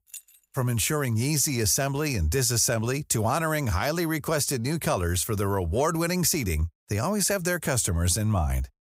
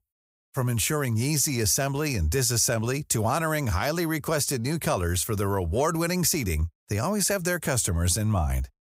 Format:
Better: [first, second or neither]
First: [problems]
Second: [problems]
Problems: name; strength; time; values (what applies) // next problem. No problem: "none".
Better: second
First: jangling keys; faint; at the start; peak 20 dB below the speech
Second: none